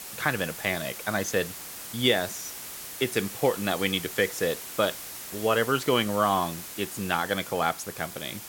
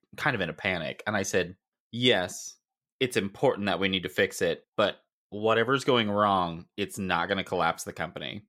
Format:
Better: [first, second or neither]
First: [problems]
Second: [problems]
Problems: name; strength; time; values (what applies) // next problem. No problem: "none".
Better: second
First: hiss; loud; throughout; 9 dB below the speech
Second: none